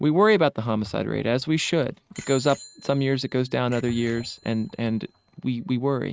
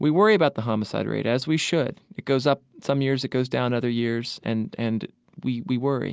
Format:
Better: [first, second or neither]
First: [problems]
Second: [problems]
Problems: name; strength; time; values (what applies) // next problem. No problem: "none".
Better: second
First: noise reduction (neural mask model RNNoise)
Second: none